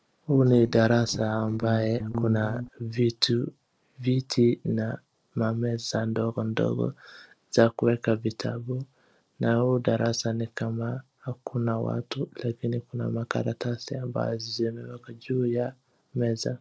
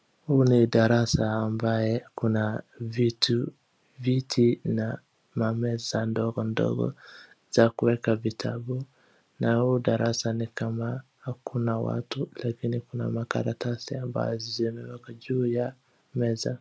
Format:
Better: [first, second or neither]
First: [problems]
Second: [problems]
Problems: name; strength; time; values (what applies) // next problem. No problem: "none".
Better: second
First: noise reduction (neural separator model SepFormer DNS4)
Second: none